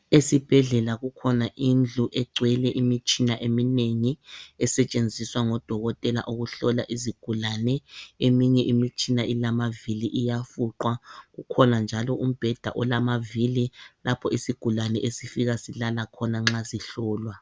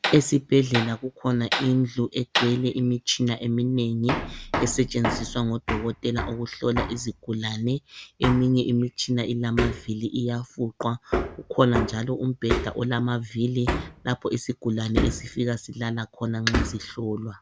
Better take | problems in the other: first | background sound (Hammer); 7 dB below the speech

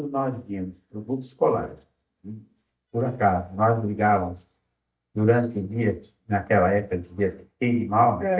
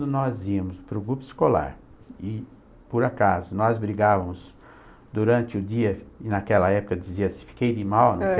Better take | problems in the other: second | noise reduction (neural mask model DeepFilterNet 3)

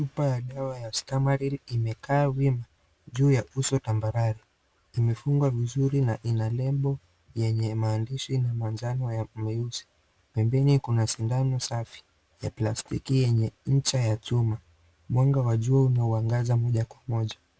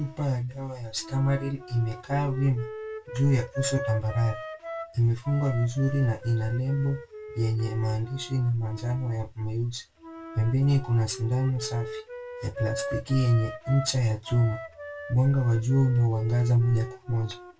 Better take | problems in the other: first | background sound (Wind instrument, woodwind instrument); 13 dB below the speech // room echo; dies away in 0.2 s

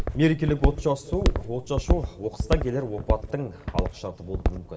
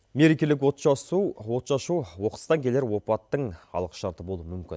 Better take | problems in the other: second | background sound (Walk, footsteps); 1 dB above the speech // room echo; dies away in 1.9 s

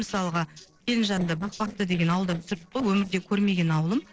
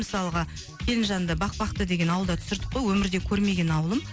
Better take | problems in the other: second | noise reduction (neural separator model SepFormer DNS4)

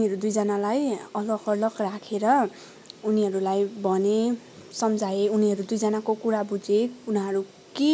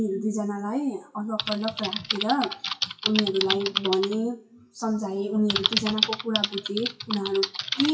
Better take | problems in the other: first | noise reduction (classical method WPE with log-MMSE)

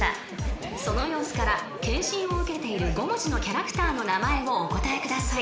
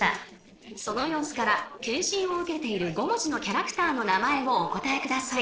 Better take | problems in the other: first | noise reduction (neural separator model SepFormer DNS4)

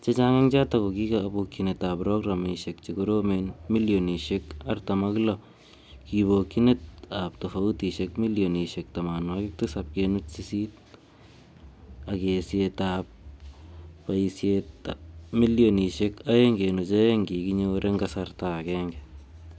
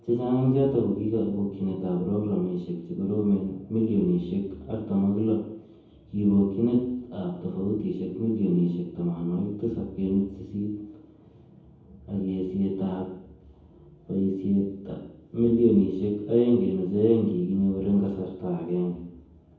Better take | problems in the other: first | room echo; dies away in 0.9 s

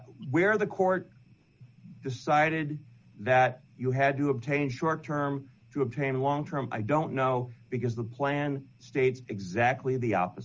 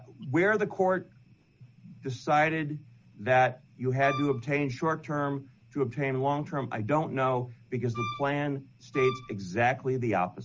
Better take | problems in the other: first | background sound (Wind instrument, woodwind instrument); 10 dB below the speech

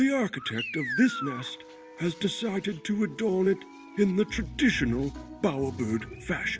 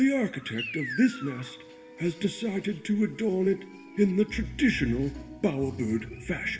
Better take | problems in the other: first | room echo; dies away in 1.3 s

